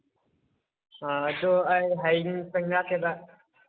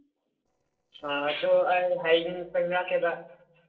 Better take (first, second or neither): first